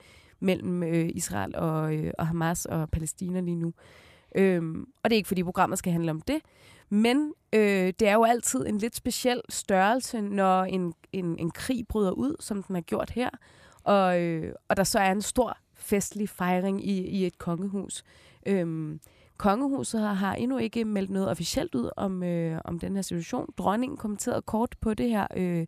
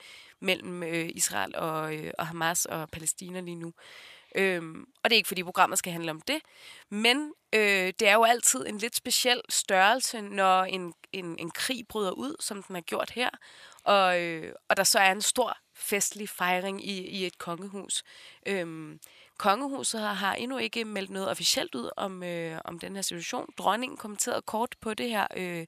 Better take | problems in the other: first | thin; somewhat; fading below 1 kHz

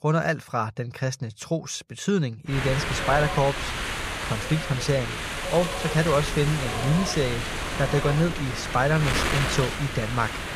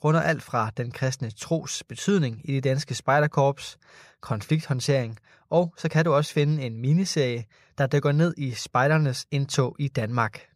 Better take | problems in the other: second | wind noise on the microphone; heavy; from 2.5 s on; 1 dB below the speech

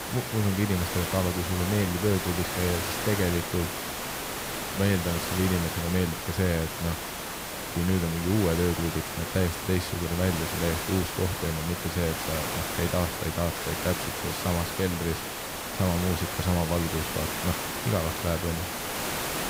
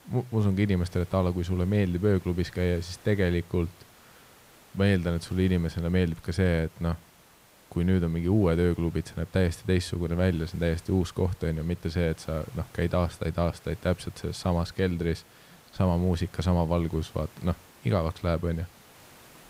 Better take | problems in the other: second | hiss; loud; throughout; 2 dB below the speech; faint in the second

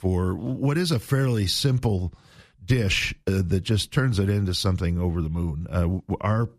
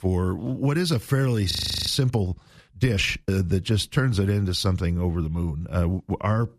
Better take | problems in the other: first | audio freezing; at 1.5 s

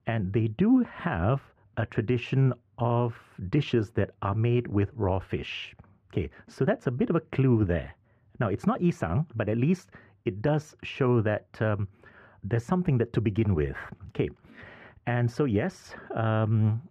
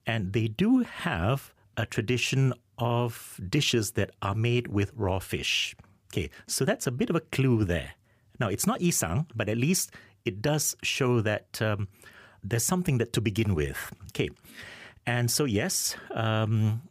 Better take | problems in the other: second | muffled; very; fading above 4 kHz

